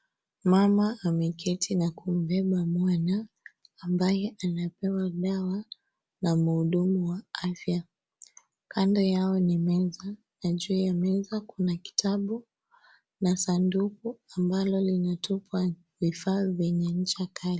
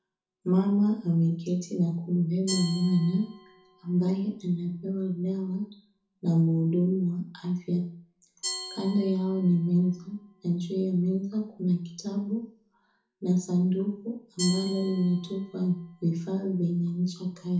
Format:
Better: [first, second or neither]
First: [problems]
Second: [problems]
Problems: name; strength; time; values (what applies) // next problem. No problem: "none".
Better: first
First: none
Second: background sound (Glass); 17 dB below the speech // room echo; dies away in 0.6 s